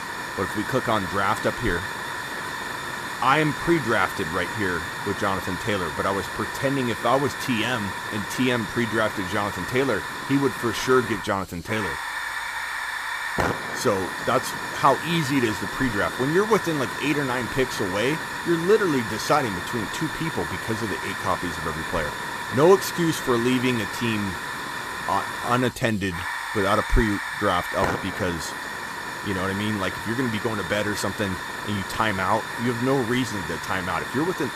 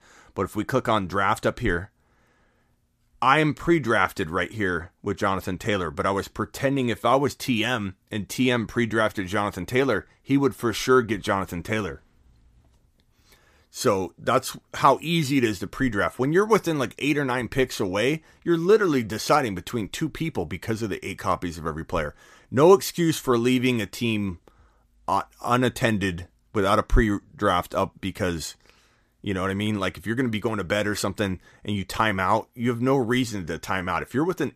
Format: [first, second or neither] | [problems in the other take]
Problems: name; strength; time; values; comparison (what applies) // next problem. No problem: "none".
second | hiss; loud; throughout; 4 dB below the speech